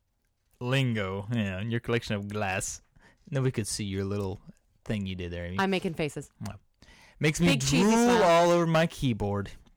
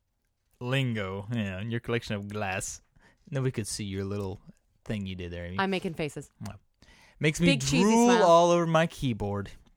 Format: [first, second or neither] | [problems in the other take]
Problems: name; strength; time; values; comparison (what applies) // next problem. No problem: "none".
second | distortion; slight; 4% of the sound clipped